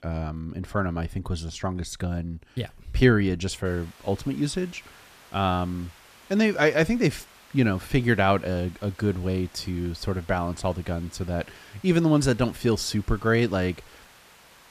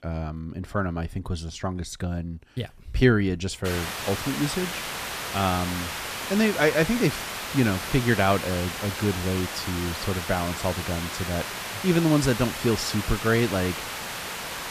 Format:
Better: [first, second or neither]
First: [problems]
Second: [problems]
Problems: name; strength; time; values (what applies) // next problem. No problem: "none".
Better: first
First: hiss; faint; from 3.5 s on; 25 dB below the speech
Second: hiss; loud; from 3.5 s on; 5 dB below the speech